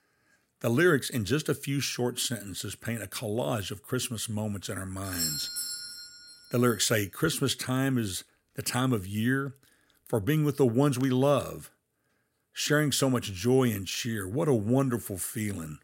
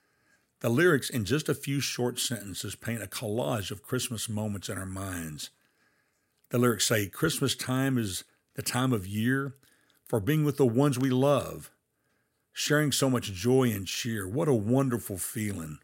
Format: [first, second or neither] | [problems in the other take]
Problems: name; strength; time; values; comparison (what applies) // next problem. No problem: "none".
second | doorbell; noticeable; from 5 to 6 s; peak 1 dB below the speech